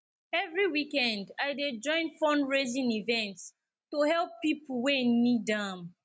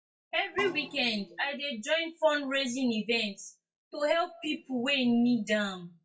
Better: first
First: none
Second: noise reduction (classical method WPE with log-MMSE)

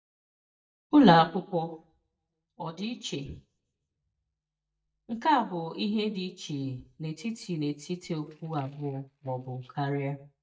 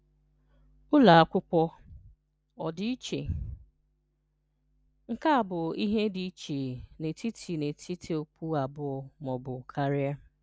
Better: second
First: noise reduction (neural mask model DeepFilterNet 3)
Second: none

